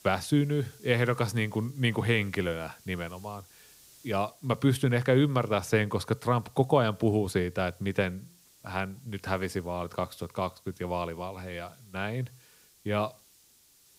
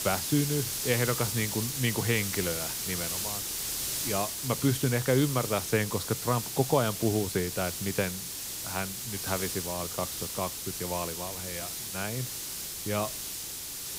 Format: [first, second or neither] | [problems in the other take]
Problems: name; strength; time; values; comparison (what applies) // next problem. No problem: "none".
first | hiss; loud; throughout; 2 dB below the speech; faint in the first